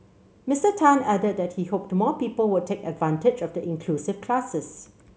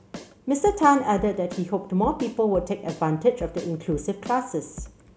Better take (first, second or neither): first